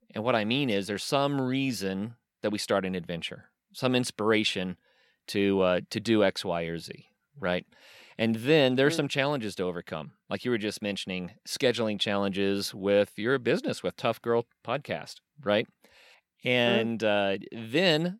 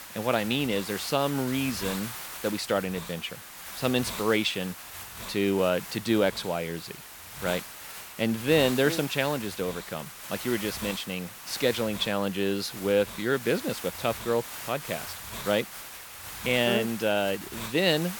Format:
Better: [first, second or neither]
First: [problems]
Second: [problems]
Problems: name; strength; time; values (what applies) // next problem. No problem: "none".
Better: first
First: none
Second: hiss; loud; throughout; 10 dB below the speech